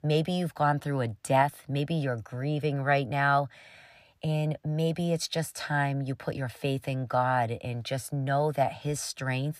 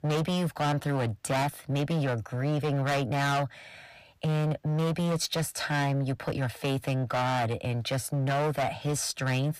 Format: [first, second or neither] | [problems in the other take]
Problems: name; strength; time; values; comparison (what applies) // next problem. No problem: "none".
first | distortion; heavy; 25% of the sound clipped